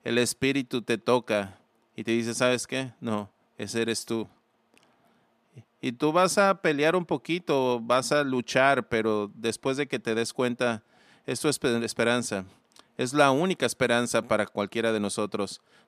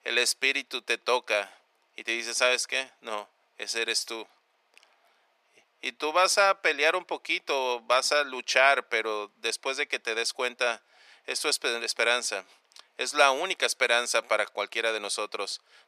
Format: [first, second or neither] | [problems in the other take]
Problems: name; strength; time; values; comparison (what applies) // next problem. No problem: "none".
first | thin; very; fading below 500 Hz